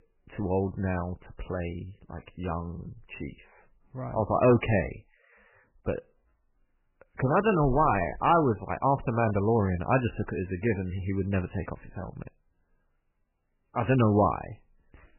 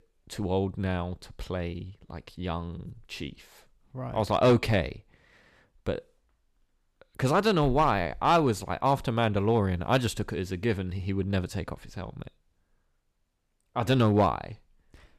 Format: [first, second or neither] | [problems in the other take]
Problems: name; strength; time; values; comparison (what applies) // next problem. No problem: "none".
second | garbled, watery; badly; nothing above 3 kHz